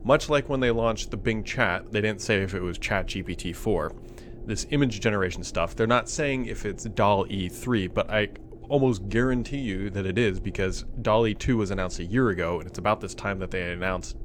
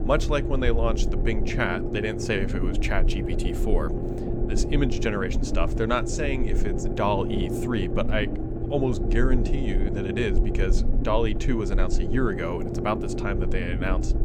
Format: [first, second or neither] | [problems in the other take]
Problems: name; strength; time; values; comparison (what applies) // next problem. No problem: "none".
first | low rumble; loud; throughout; 5 dB below the speech; faint in the first